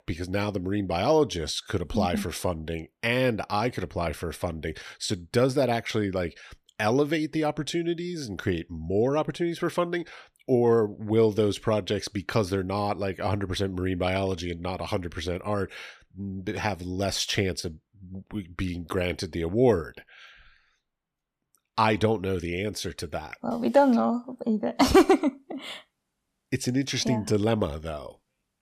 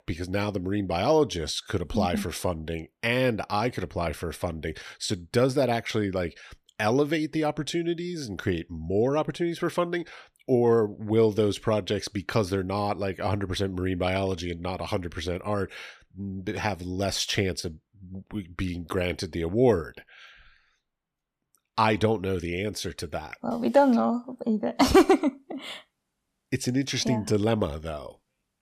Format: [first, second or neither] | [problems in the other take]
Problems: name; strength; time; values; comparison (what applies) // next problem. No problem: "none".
neither | none